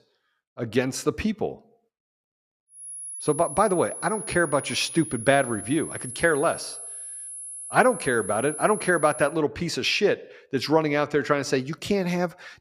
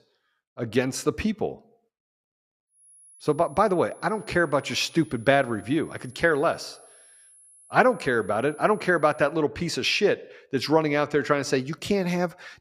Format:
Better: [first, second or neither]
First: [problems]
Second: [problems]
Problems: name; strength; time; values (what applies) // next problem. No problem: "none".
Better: second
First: high-pitched whine; loud; from 3 to 9.5 s; 10.5 kHz, 10 dB below the speech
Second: high-pitched whine; faint; from 3 to 9.5 s; 10.5 kHz, 25 dB below the speech